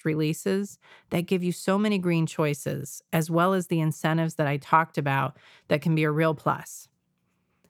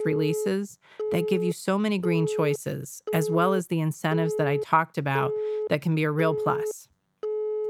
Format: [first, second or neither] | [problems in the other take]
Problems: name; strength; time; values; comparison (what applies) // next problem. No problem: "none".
first | phone ringing; noticeable; peak 2 dB below the speech